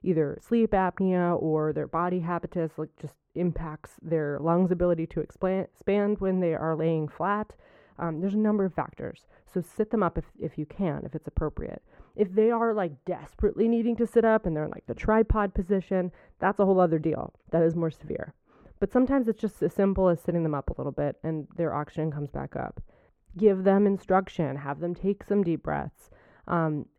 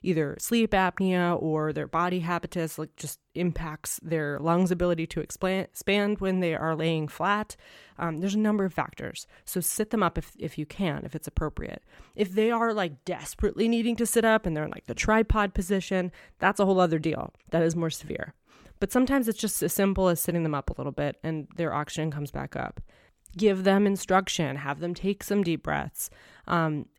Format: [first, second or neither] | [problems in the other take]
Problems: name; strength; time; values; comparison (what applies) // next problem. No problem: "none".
second | muffled; very; fading above 2.5 kHz